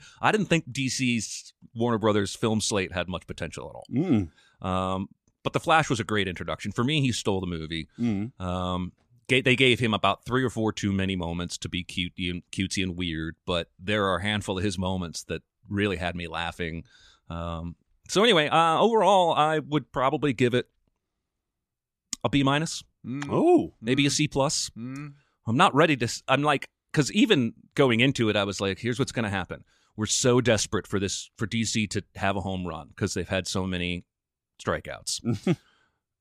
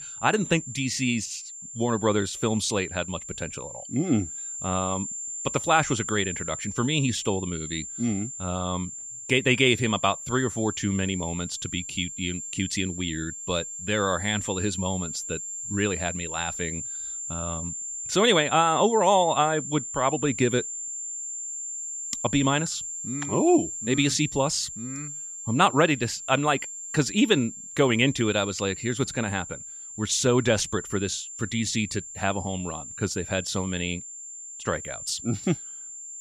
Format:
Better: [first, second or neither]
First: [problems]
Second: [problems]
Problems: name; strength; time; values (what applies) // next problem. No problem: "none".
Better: first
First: none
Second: high-pitched whine; loud; throughout; 7.5 kHz, 8 dB below the speech